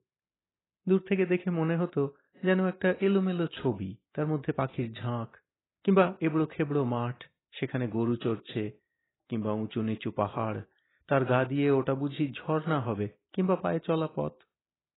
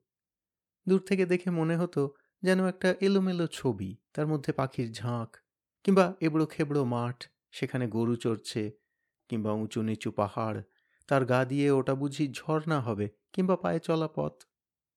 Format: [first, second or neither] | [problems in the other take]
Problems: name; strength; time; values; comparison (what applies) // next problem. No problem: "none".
second | garbled, watery; badly; nothing above 4 kHz